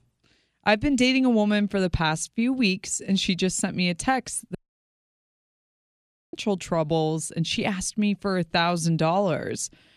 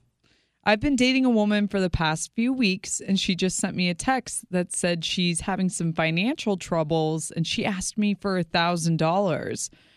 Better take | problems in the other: second | audio cutting out; at 4.5 s for 2 s

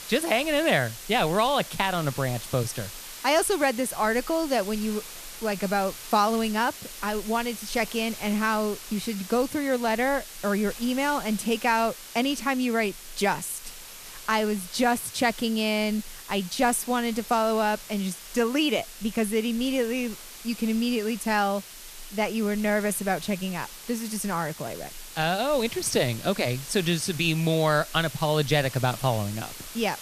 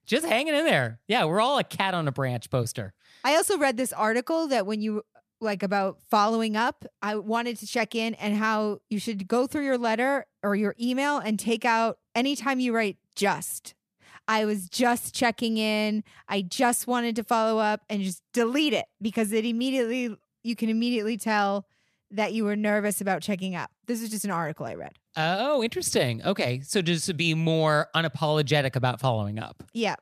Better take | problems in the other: second | hiss; noticeable; throughout; 15 dB below the speech

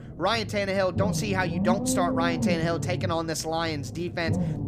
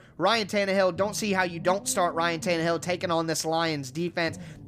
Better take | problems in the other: second | low rumble; loud; throughout; 7 dB below the speech; faint in the second

